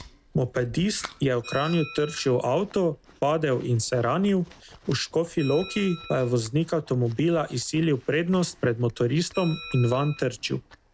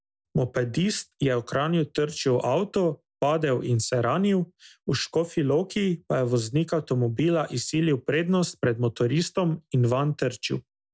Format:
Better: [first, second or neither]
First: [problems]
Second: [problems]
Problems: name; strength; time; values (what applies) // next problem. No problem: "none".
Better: second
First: background sound (Bell + Chewing, mastication); 19 dB below the speech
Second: none